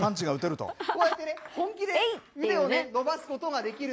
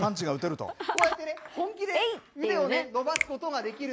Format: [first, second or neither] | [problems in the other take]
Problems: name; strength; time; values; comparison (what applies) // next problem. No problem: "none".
first | background sound (Finger snapping); 8 dB below the speech